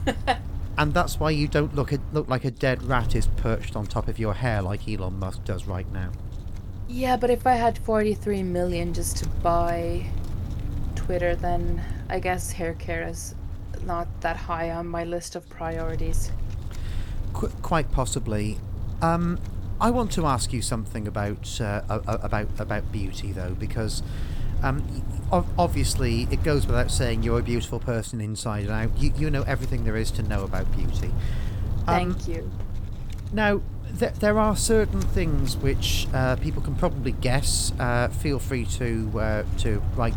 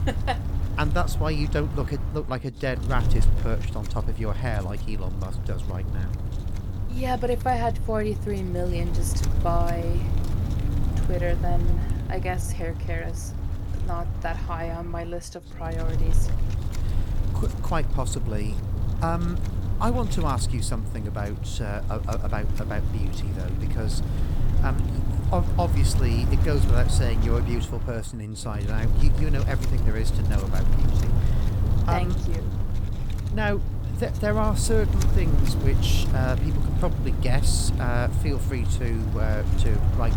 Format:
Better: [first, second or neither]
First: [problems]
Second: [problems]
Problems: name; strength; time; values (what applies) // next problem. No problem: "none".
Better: first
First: wind noise on the microphone; occasional gusts; 15 dB below the speech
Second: wind noise on the microphone; heavy; 8 dB below the speech